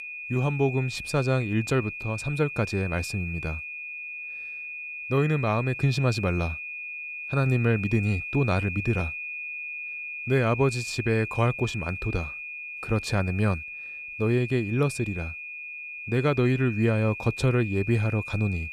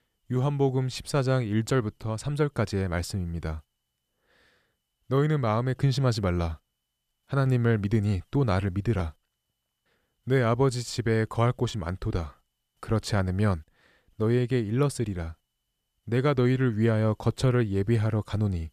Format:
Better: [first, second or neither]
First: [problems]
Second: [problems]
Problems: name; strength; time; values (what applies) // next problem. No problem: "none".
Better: second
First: high-pitched whine; loud; throughout; 2.5 kHz, 8 dB below the speech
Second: none